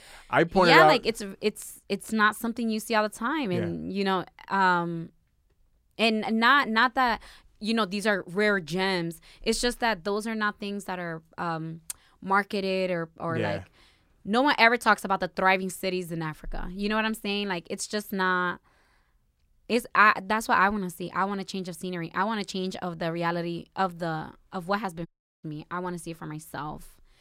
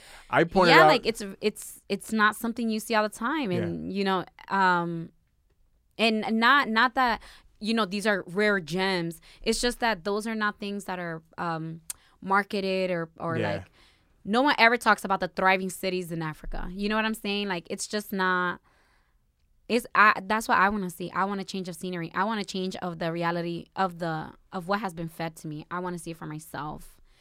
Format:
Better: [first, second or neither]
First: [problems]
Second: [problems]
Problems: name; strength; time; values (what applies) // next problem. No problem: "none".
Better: second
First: audio cutting out; at 25 s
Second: none